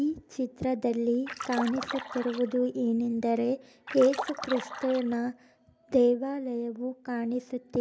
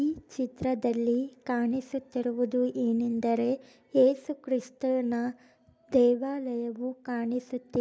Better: second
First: background sound (Splash, splatter); 9 dB below the speech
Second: none

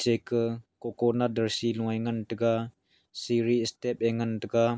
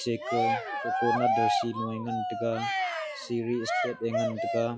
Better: first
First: none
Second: noise reduction (classical method log-MMSE)

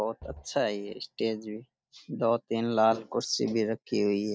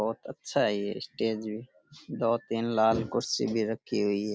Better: second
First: noise reduction (neural mask model DeepFilterNet 3)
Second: none

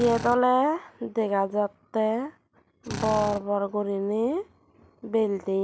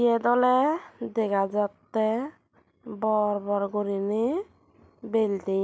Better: second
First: background sound (Drill); 16 dB below the speech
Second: none

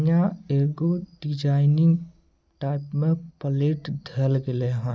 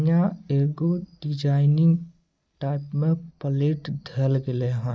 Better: first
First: none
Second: noise reduction (neural mask model Resemble Enhance denoiser)

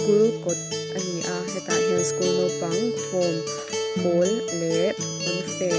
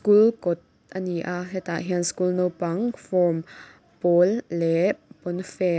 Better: second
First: background sound (Acoustic guitar); as loud as the speech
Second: none

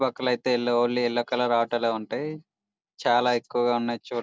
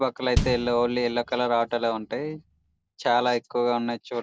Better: first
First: none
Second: background sound (Bass drum); 8 dB below the speech

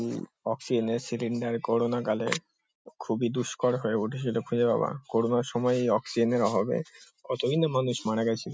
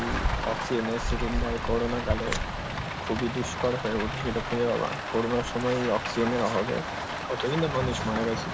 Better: first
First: none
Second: background sound (Rain); 2 dB below the speech

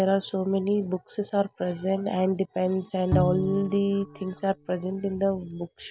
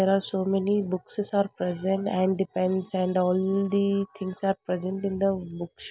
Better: second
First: background sound (Bowed string instrument); 6 dB below the speech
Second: none

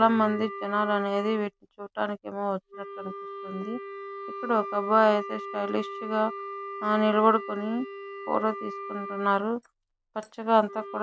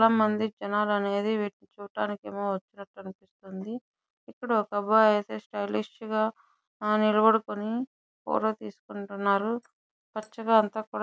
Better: second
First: background sound (Wind instrument, woodwind instrument); 11 dB below the speech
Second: none

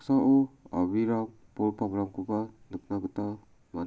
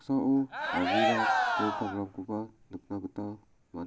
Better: first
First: none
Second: background sound (Cheering); 3 dB above the speech

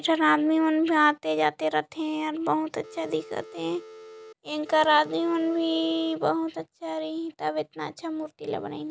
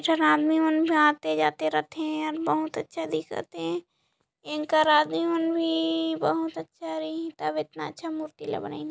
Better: second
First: background sound (Telephone); 18 dB below the speech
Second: none

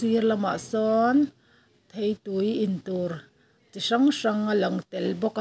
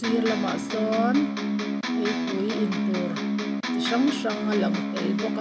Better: first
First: none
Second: background sound (Electric guitar); 1 dB above the speech

